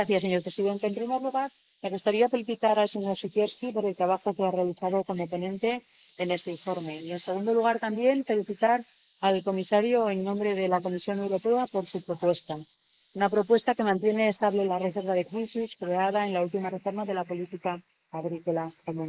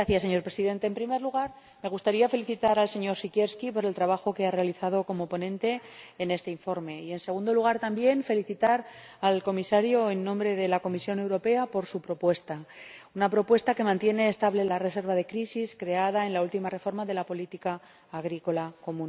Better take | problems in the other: second | noise reduction (neural mask model Resemble Enhance denoiser)

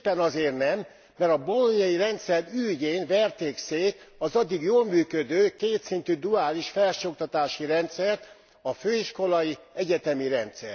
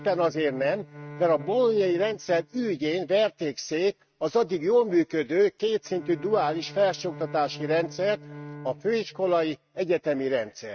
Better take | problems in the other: first | noise reduction (neural mask model RNNoise)

